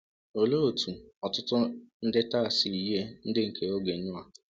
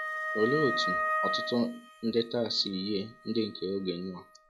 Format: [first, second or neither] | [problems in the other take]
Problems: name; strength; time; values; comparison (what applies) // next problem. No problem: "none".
first | noise reduction (classical method log-MMSE)